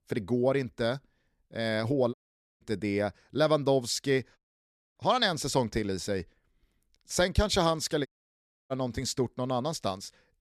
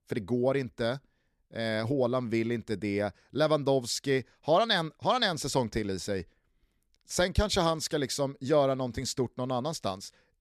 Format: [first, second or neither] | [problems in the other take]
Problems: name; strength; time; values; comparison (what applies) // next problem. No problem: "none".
second | audio cutting out; at 2 s, at 4.5 s for 0.5 s and at 8 s for 0.5 s